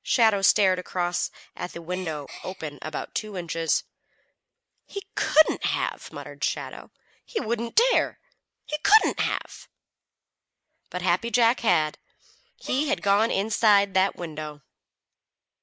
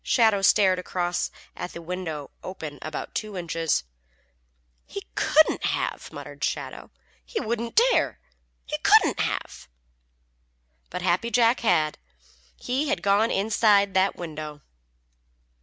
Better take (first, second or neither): second